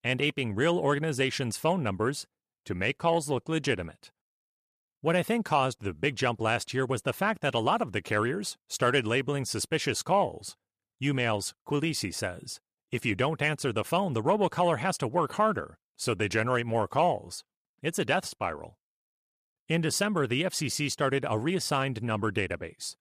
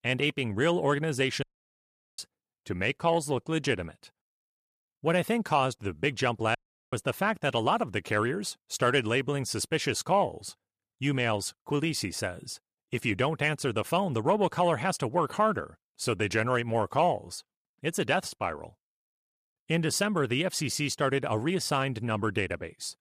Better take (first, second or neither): first